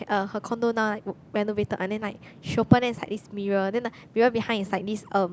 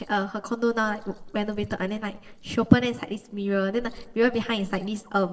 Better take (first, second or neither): first